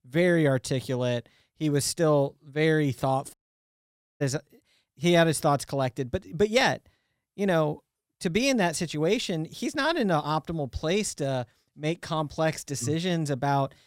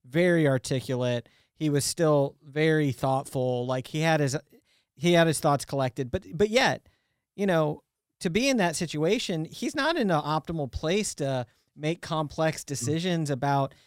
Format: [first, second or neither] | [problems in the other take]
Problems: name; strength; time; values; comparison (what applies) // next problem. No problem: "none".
second | audio cutting out; at 3.5 s for 1 s